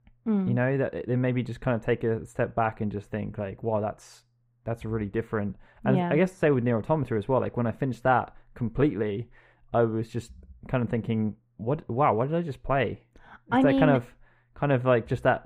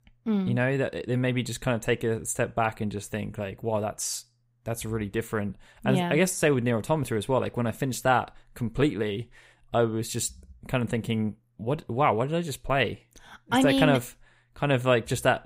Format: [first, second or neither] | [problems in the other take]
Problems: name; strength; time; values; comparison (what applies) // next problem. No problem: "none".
second | muffled; very; fading above 3.5 kHz